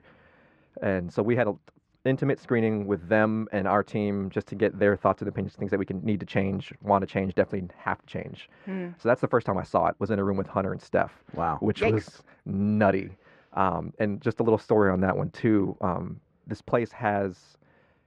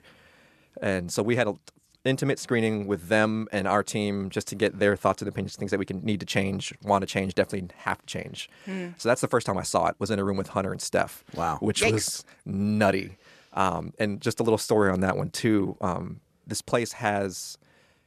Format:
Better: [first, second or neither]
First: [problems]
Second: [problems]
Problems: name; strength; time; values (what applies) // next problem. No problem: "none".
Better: second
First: muffled; very; fading above 2 kHz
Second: none